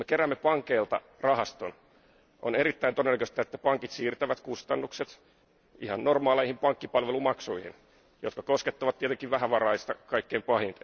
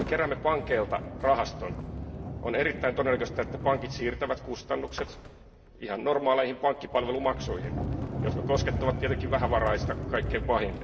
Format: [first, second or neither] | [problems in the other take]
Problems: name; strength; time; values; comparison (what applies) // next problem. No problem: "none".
first | background sound (Sliding door); 5 dB below the speech // room echo; dies away in 1.8 s